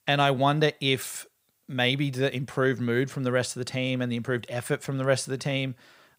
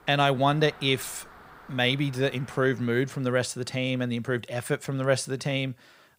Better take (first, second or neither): first